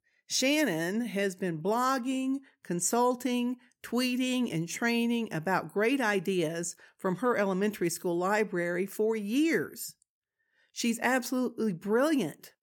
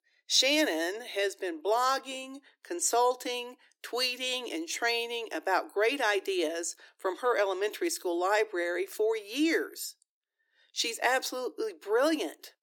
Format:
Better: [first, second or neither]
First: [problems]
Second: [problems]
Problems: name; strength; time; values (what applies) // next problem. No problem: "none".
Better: first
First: none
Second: thin; very; fading below 300 Hz